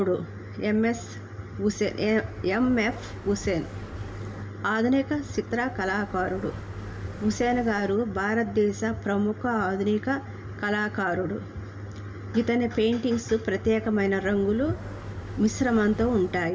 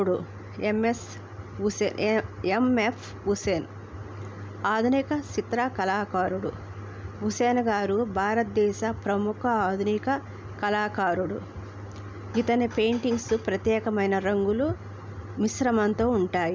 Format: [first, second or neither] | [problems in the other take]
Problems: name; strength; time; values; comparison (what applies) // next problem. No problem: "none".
second | background sound (Motorcycle); 17 dB below the speech // room echo; dies away in 1.1 s